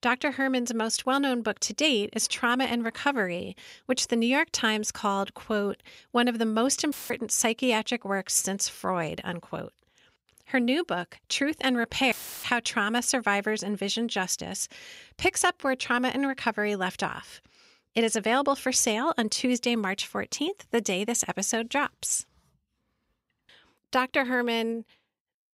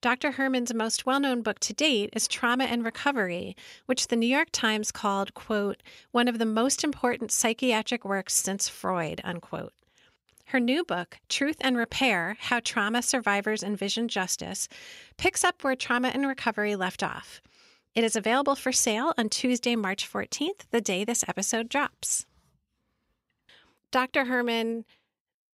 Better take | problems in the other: second | audio cutting out; filled with static; at 7 s and at 12 s

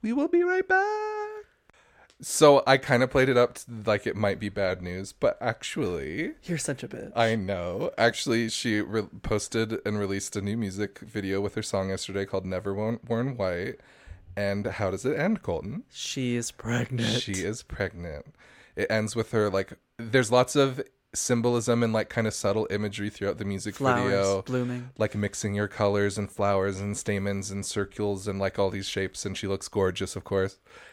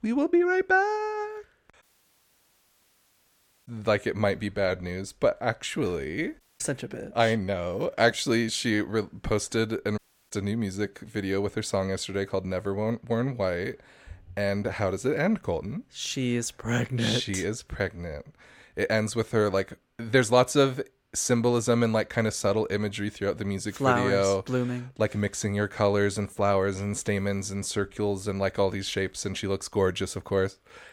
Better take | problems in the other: first | audio cutting out; at 2 s for 2 s, at 6.5 s and at 10 s

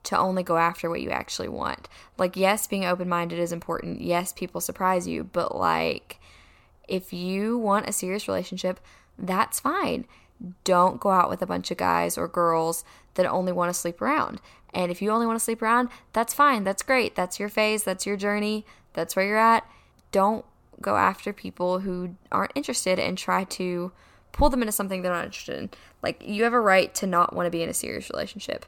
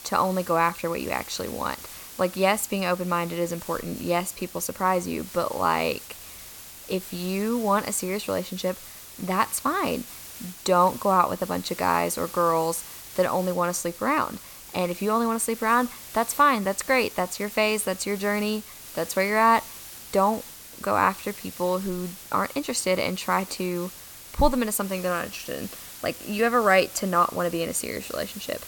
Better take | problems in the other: first | hiss; noticeable; throughout; 15 dB below the speech

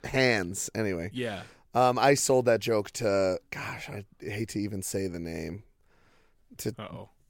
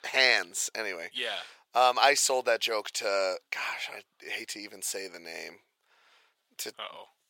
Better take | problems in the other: first | thin; very; fading below 800 Hz

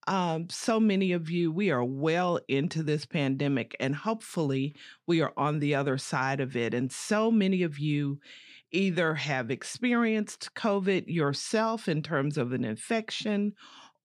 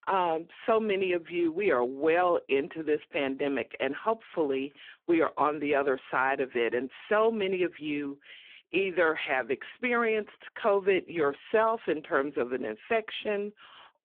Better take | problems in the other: first | phone-call audio; poor line

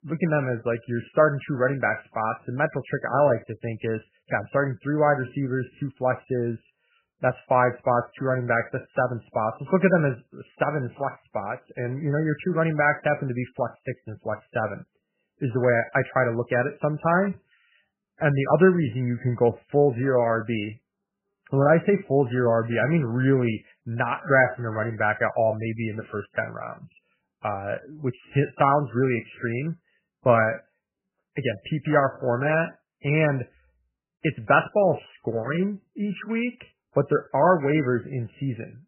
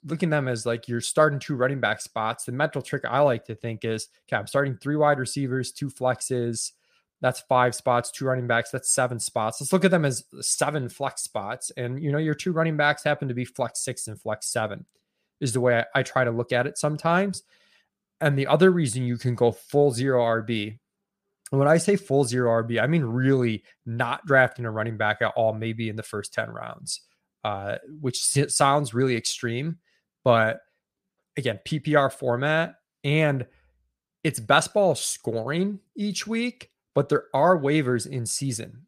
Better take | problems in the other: second | garbled, watery; badly; nothing above 3 kHz

